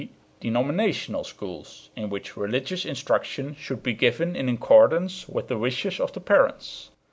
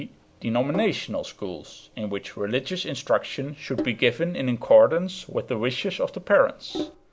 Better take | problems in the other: first | background sound (Sink (filling or washing)); 16 dB below the speech

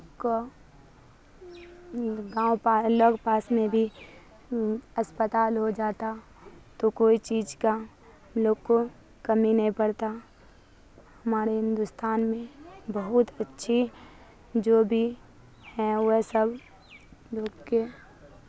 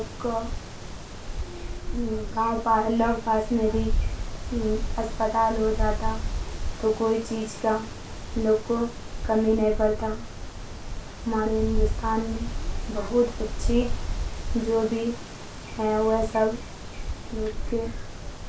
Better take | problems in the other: first | background sound (Wind); 3 dB below the speech // room echo; dies away in 0.2 s

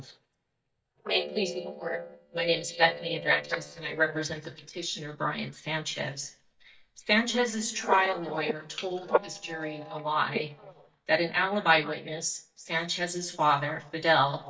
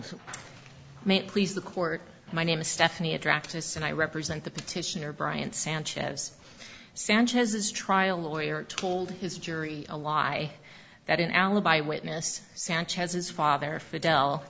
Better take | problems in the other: second | noise reduction (neural mask model DeepFilterNet 3)

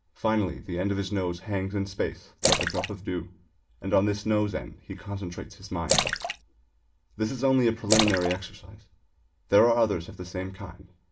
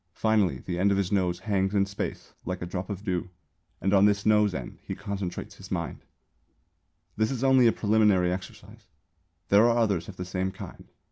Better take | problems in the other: second | background sound (Splash, splatter); 3 dB below the speech // room echo; dies away in 0.2 s

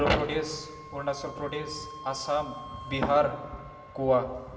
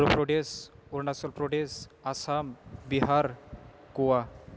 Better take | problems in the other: second | background sound (Wind instrument, woodwind instrument); 16 dB below the speech // room echo; dies away in 1.8 s

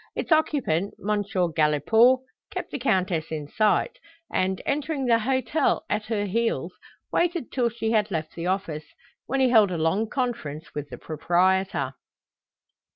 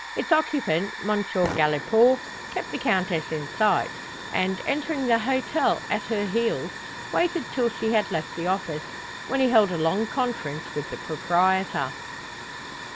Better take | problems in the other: first | background sound (Hiss / Fire); 10 dB below the speech

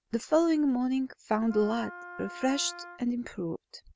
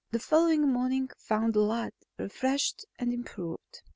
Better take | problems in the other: second | background sound (Wind instrument, woodwind instrument); 15 dB below the speech

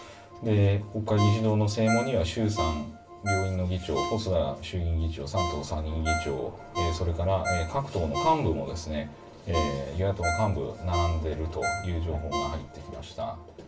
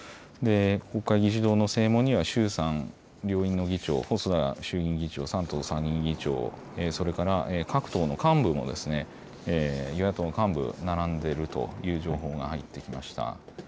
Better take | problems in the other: second | background sound (Ringtone); 8 dB below the speech // room echo; dies away in 0.3 s

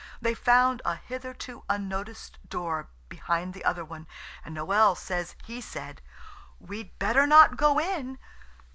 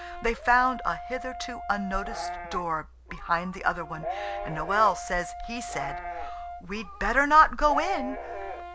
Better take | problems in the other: first | background sound (Brass instrument + Livestock, farm animals, working animals); 10 dB below the speech

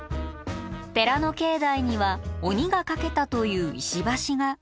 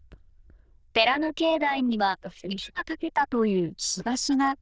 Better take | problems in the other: first | noise reduction (neural diffusion model UNIVERSE++)

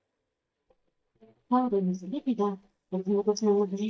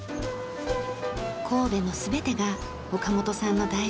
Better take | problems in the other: second | noise reduction (neural mask model DeepFilterNet 3)

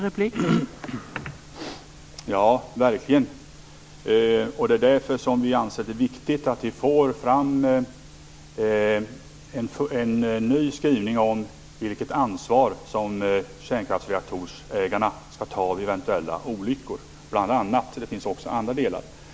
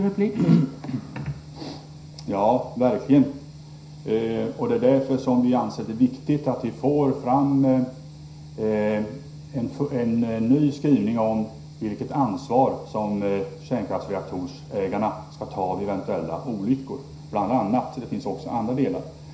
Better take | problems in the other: first | room echo; dies away in 0.5 s

